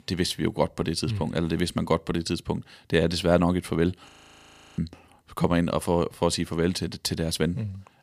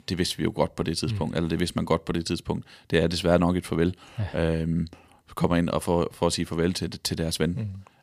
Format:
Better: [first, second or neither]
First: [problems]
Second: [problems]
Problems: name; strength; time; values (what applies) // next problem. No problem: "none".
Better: second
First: audio freezing; at 4 s for 0.5 s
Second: none